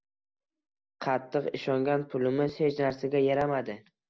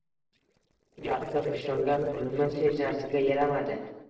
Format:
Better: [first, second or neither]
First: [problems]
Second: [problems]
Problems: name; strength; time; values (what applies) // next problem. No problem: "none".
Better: first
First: none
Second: noise reduction (neural separator model SepFormer DNS4)